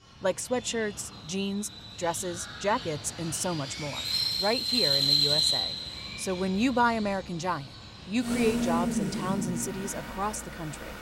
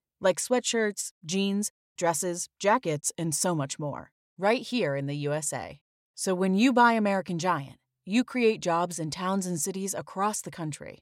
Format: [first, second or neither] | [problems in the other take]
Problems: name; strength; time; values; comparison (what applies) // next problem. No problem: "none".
second | animal sounds; very loud; throughout; 4 dB above the speech